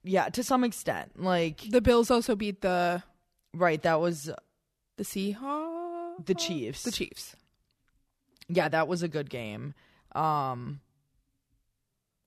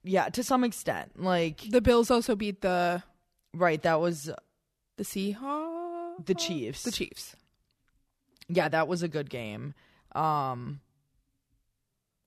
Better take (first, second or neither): neither